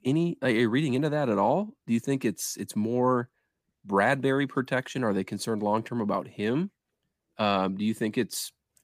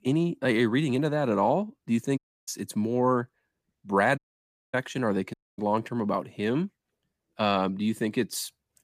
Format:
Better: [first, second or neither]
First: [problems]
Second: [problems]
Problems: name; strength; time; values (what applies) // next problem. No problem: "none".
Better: first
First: none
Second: audio cutting out; at 2 s, at 4 s for 0.5 s and at 5.5 s